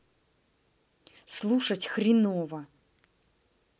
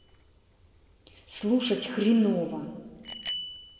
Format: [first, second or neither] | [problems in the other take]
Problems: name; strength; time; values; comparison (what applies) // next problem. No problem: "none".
first | background sound (Bicycle bell); 14 dB below the speech // room echo; dies away in 2.1 s